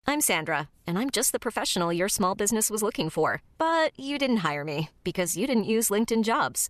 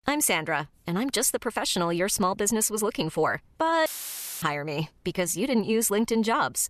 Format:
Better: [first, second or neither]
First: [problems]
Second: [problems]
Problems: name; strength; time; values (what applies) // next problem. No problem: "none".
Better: first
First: none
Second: audio cutting out; filled with static; at 4 s for 0.5 s